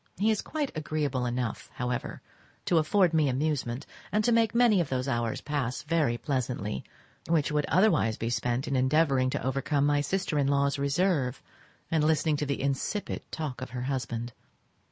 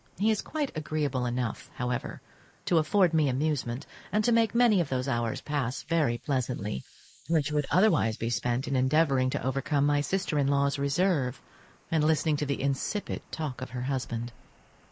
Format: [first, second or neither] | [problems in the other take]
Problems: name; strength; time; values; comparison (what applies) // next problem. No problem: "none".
first | noise reduction (neural mask model Resemble Enhance denoiser)